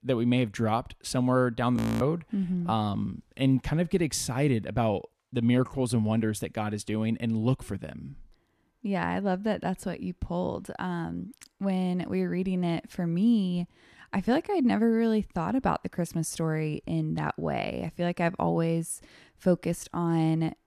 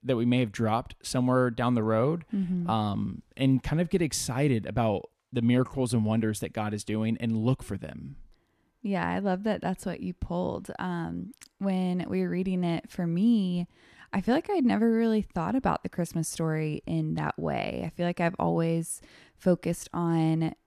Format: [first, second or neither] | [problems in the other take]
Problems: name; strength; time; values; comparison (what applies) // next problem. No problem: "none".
second | audio freezing; at 2 s